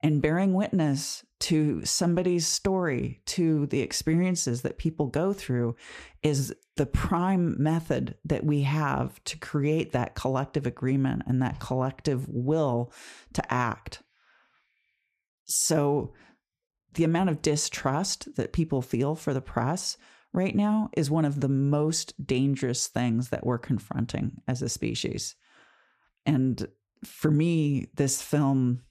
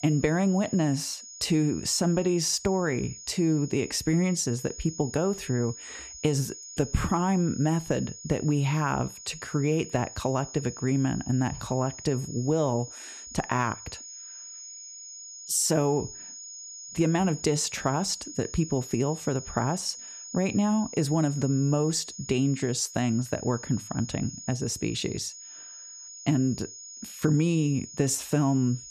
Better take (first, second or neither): first